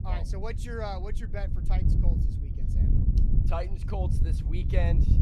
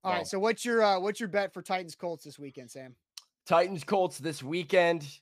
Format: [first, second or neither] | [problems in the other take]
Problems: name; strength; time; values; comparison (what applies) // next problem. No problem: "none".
second | wind noise on the microphone; heavy; 5 dB below the speech